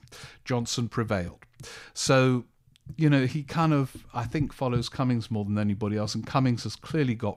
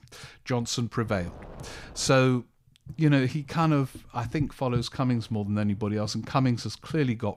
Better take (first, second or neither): first